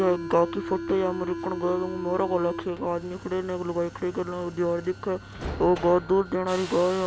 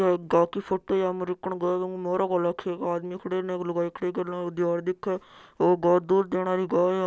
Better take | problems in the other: second | background sound (Subway, metro, underground); 11 dB below the speech

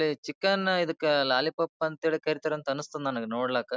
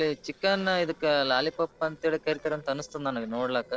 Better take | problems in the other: first | noise reduction (neural separator model SepFormer DNS4)

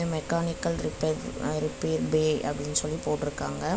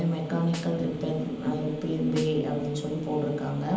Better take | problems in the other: first | background sound (Snare drum); 19 dB below the speech // room echo; dies away in 0.9 s

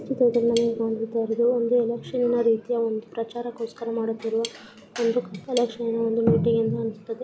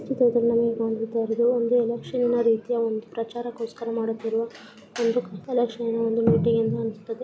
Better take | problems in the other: second | background sound (Cutlery, silverware / Tap); 19 dB below the speech

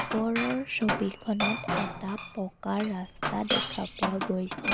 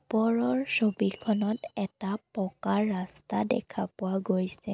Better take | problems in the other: second | background sound (Glass + Bird); 2 dB below the speech

